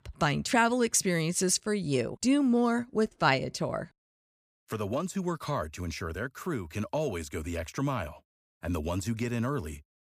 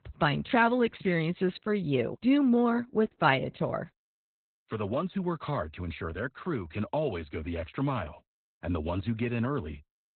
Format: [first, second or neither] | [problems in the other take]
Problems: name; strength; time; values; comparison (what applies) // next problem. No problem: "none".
first | garbled, watery; badly; nothing above 4 kHz